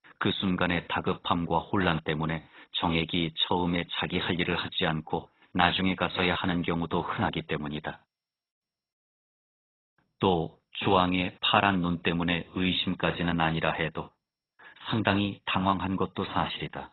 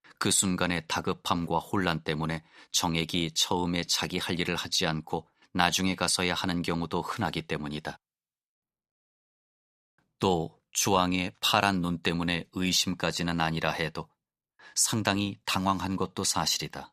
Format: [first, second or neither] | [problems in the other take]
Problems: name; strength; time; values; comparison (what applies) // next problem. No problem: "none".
second | garbled, watery; badly; nothing above 4 kHz